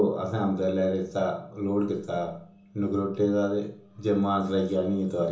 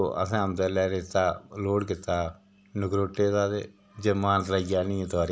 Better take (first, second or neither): second